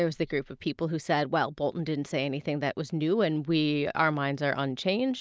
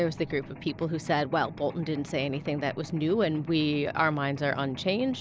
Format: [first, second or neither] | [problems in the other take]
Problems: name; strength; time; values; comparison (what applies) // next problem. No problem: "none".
first | background sound (Mechanisms); 14 dB below the speech